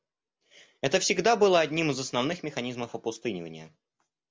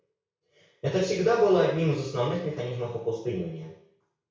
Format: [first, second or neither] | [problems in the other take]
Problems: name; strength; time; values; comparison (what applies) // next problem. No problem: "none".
first | room echo; dies away in 0.6 s